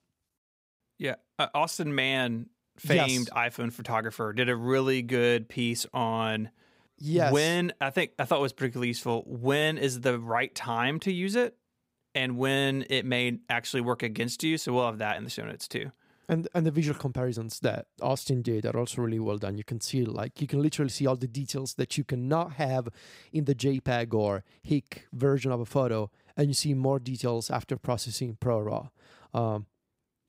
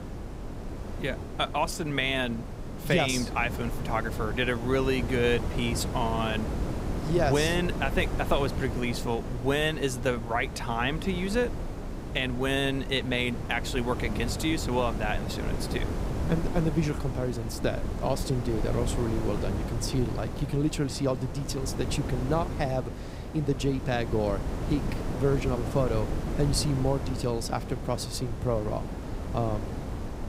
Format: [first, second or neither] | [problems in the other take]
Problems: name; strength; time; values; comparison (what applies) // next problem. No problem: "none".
first | wind noise on the microphone; heavy; 9 dB below the speech